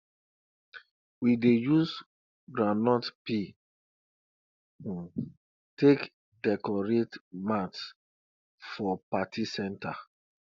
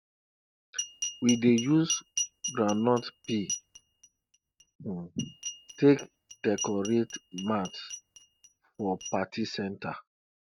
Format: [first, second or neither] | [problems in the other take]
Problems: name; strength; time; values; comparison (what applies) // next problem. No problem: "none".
first | noise reduction (neural mask model RNNoise)